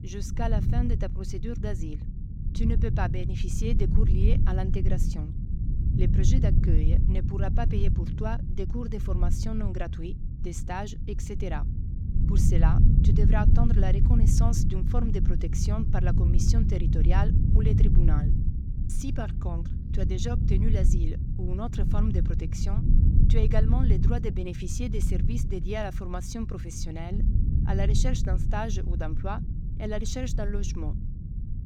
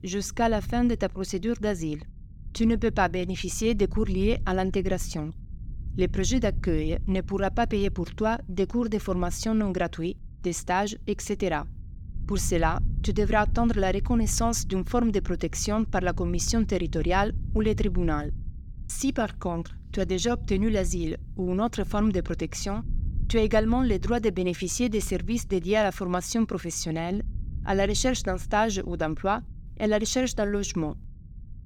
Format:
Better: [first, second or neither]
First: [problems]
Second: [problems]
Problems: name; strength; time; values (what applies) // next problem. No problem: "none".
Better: second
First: low rumble; loud; throughout; 4 dB below the speech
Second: low rumble; faint; throughout; 25 dB below the speech